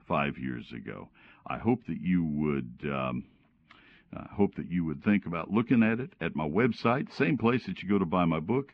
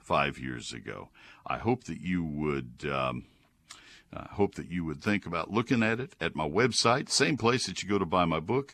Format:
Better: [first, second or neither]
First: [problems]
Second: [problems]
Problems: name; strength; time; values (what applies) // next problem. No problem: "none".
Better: second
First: muffled; very; fading above 3 kHz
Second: none